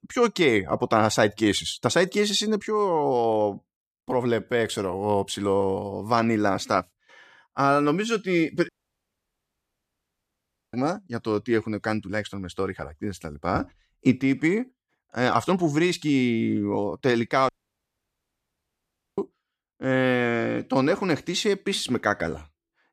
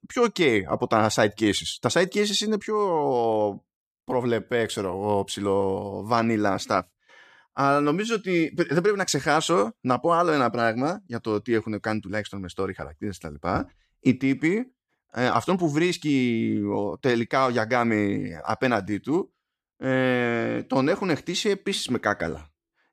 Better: second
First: audio cutting out; at 8.5 s for 2 s and at 17 s for 1.5 s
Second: none

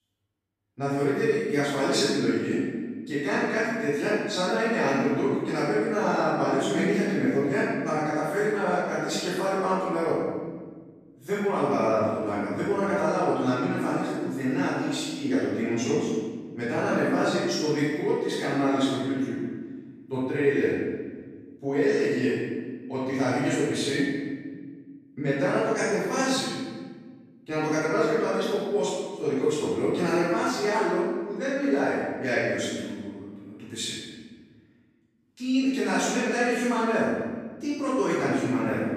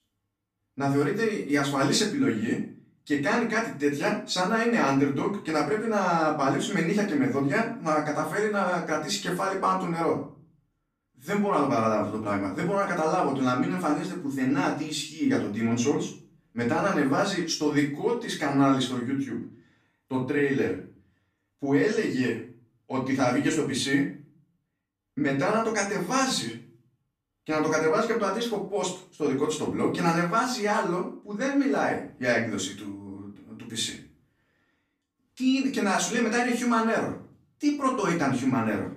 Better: second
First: room echo; strong; dies away in 1.5 s // off-mic speech; far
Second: room echo; slight; dies away in 0.4 s // off-mic speech; far

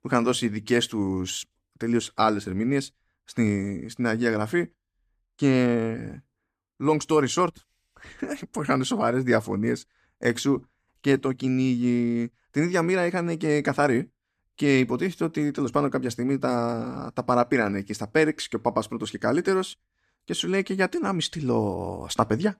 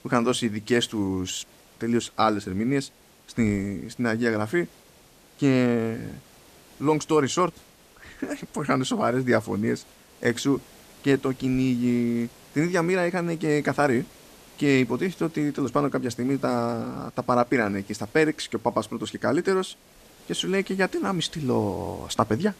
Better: first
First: none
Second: hiss; faint; throughout; 25 dB below the speech

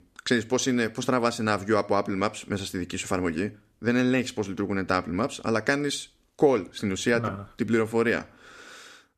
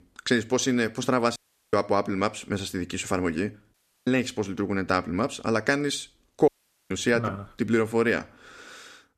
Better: first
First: none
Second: audio cutting out; at 1.5 s, at 3.5 s and at 6.5 s

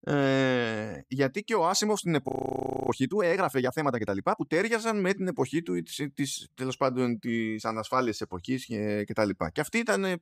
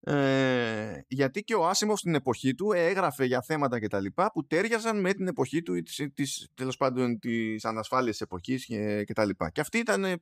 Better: second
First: audio freezing; at 2.5 s for 0.5 s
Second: none

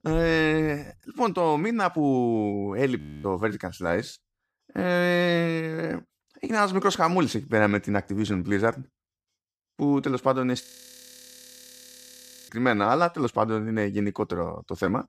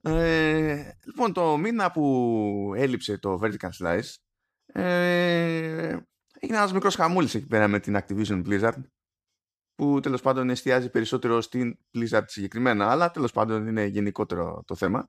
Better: second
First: audio freezing; at 3 s and at 11 s for 2 s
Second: none

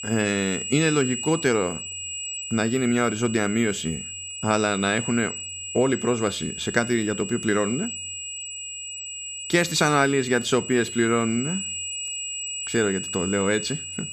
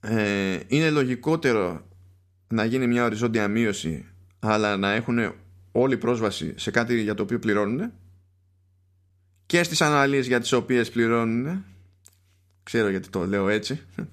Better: second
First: high-pitched whine; loud; throughout; 8 kHz, 7 dB below the speech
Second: none

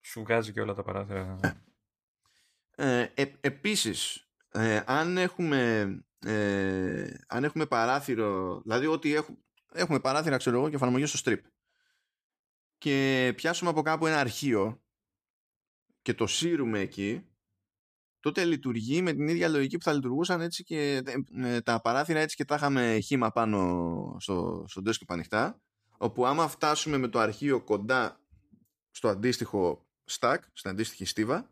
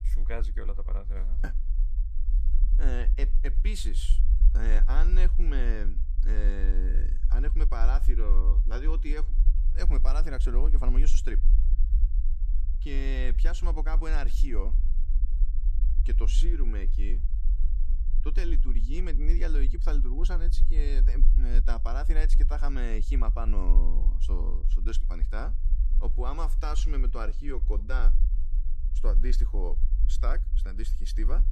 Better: first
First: none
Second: low rumble; noticeable; throughout; 15 dB below the speech

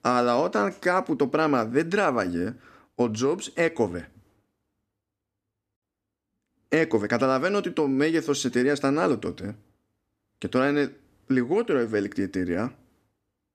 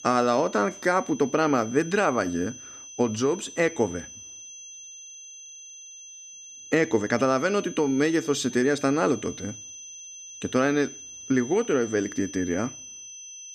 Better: first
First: none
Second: high-pitched whine; noticeable; throughout; 6 kHz, 15 dB below the speech

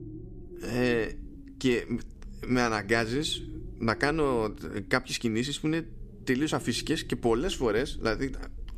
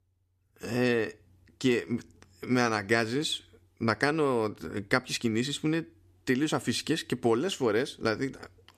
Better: second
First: low rumble; noticeable; throughout; 20 dB below the speech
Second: none

